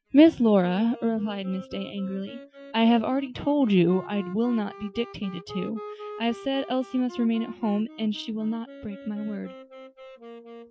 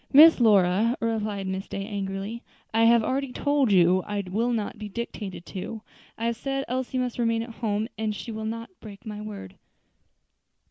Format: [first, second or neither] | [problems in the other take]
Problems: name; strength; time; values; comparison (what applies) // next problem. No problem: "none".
second | noise reduction (classical method Wiener filter)